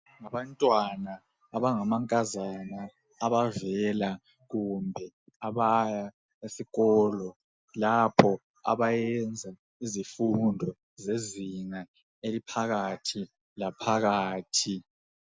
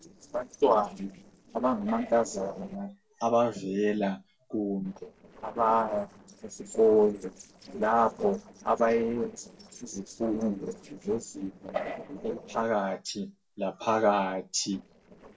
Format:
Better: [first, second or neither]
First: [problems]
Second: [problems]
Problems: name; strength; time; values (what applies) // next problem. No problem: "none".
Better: first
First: none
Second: noise reduction (neural separator model SepFormer DNS4)